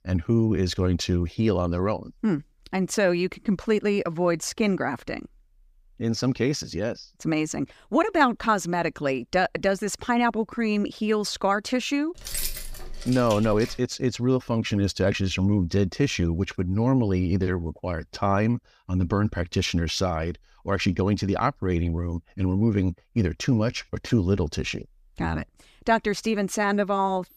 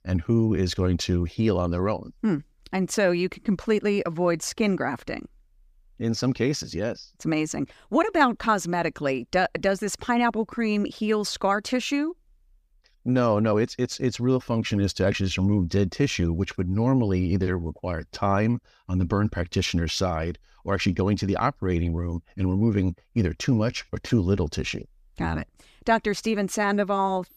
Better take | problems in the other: second | jangling keys; noticeable; from 12 to 14 s; peak 4 dB below the speech

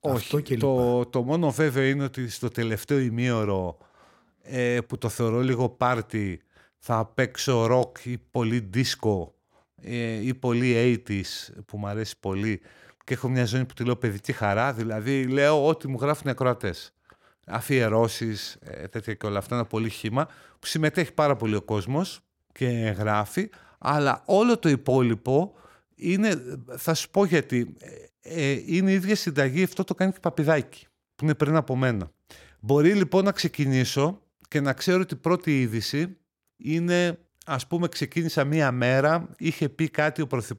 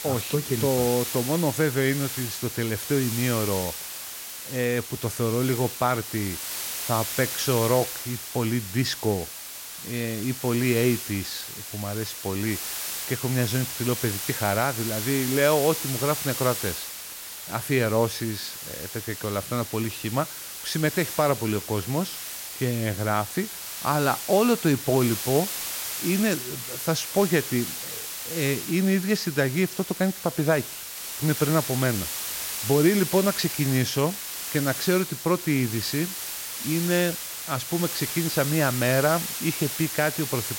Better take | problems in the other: first | hiss; loud; throughout; 5 dB below the speech

